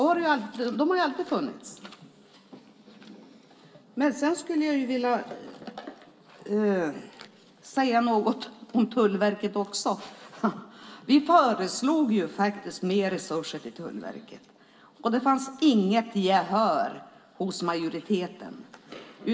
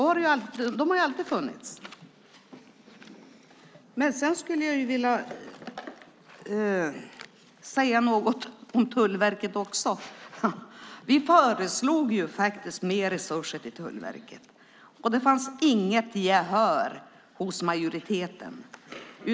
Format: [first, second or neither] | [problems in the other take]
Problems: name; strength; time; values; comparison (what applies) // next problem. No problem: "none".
second | room echo; dies away in 0.9 s